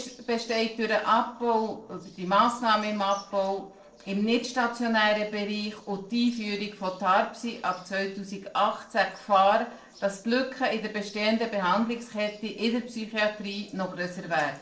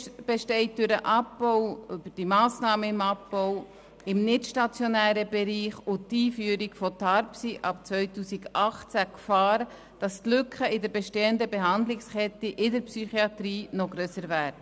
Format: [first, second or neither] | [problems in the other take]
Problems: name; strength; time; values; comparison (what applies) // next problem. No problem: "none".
second | noise reduction (neural separator model SepFormer DNS4)